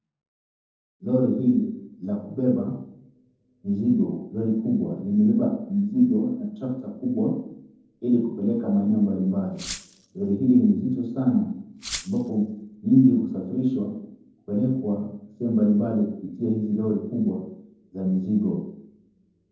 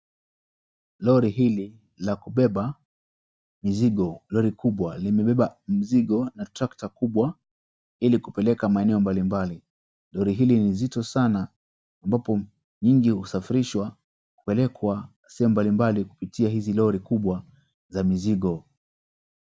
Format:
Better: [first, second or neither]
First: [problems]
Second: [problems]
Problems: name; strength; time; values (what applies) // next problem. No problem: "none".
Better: second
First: noise reduction (neural separator model SepFormer DNS4)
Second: none